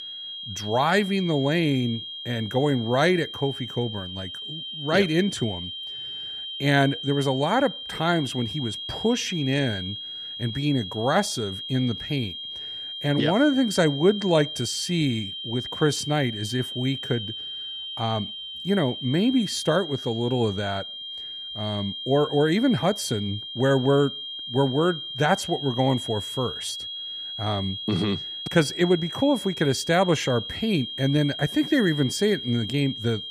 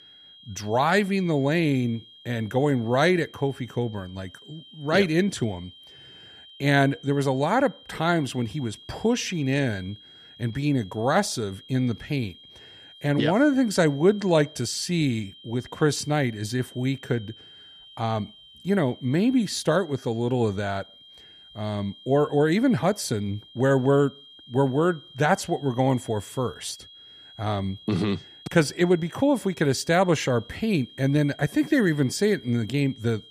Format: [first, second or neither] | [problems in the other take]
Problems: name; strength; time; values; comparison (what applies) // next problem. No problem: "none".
second | high-pitched whine; loud; throughout; 3 kHz, 8 dB below the speech; faint in the second